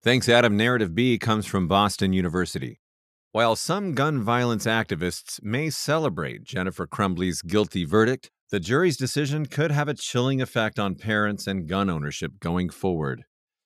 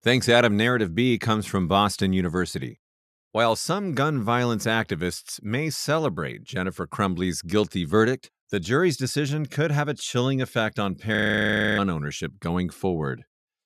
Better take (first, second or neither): first